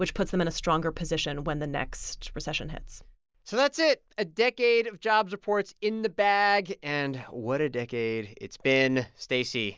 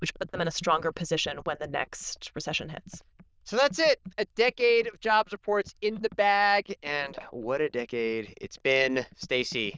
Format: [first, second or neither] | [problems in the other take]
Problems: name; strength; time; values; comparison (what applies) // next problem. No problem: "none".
first | noise reduction (neural diffusion model UNIVERSE++)